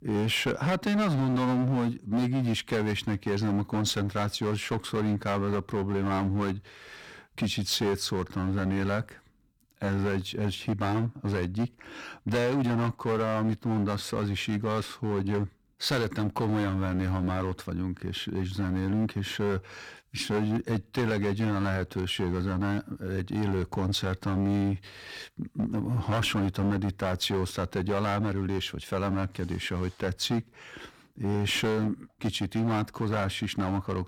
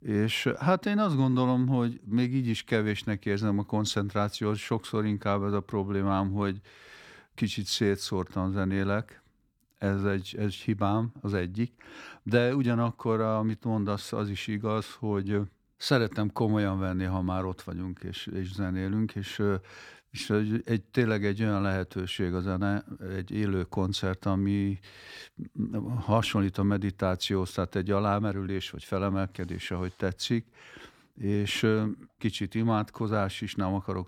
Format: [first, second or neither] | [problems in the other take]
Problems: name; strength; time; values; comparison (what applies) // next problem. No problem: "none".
second | distortion; heavy; 14% of the sound clipped